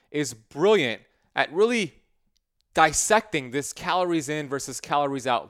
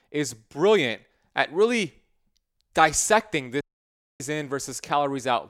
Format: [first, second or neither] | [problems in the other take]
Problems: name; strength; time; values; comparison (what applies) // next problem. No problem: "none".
first | audio cutting out; at 3.5 s for 0.5 s